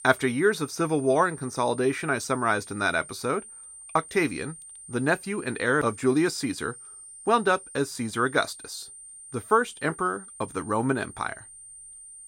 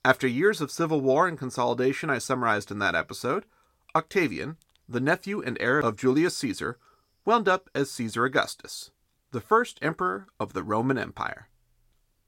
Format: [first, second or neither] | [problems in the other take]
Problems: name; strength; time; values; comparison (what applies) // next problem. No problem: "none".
second | high-pitched whine; noticeable; throughout; 9 kHz, 15 dB below the speech